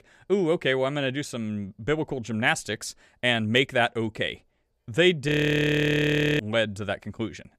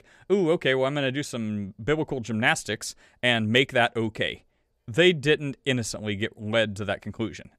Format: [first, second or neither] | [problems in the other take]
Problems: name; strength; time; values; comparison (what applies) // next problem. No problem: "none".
second | audio freezing; at 5.5 s for 1 s